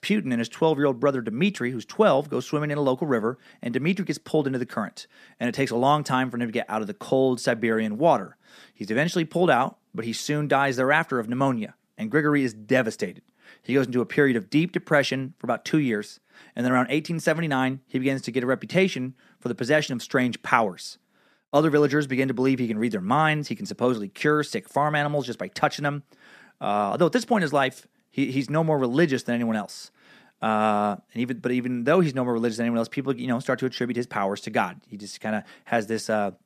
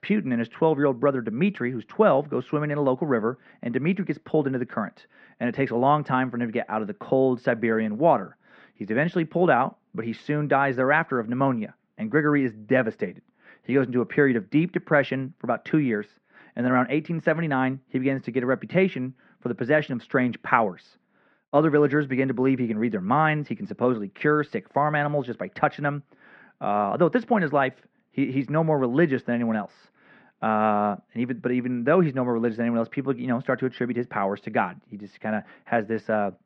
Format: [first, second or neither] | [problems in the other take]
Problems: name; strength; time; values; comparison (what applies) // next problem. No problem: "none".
first | muffled; very; fading above 2.5 kHz